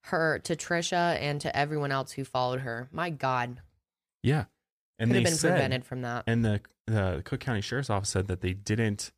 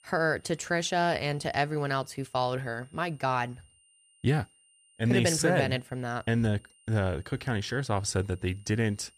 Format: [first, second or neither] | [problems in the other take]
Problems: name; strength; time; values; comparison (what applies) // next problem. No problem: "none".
first | high-pitched whine; faint; throughout; 9 kHz, 30 dB below the speech